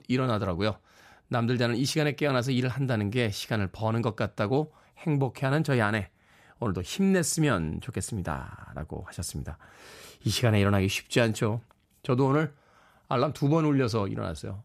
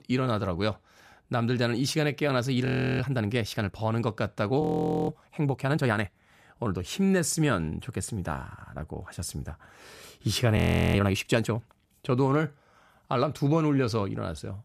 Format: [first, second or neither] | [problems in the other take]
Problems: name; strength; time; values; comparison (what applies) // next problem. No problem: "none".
first | audio freezing; at 2.5 s, at 4.5 s and at 11 s